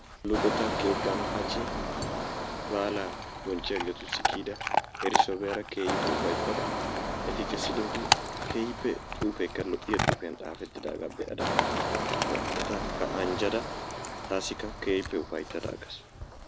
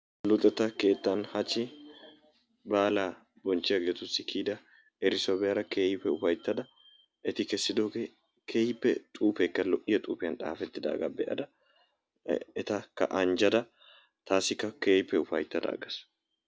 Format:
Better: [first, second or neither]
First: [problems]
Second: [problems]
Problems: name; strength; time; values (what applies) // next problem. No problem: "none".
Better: second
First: background sound (Engine + Chewing, mastication / Dog); 2 dB above the speech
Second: none